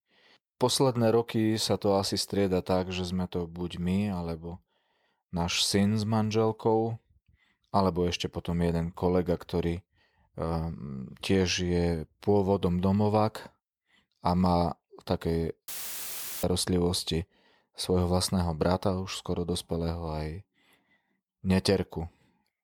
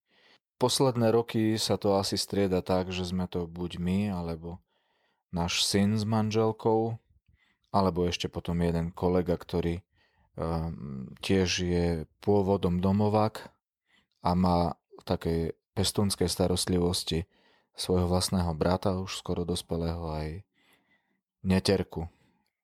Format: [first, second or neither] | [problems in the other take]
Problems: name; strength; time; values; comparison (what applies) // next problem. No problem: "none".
second | audio cutting out; filled with static; at 16 s for 1 s